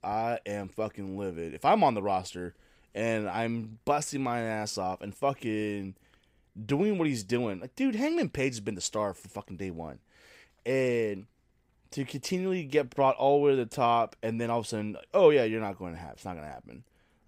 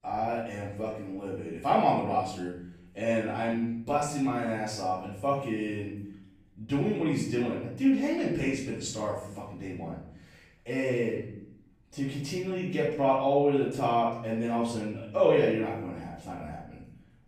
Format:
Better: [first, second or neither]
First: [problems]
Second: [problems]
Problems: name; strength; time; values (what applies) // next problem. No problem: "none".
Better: first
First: none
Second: off-mic speech; far // room echo; noticeable; dies away in 0.8 s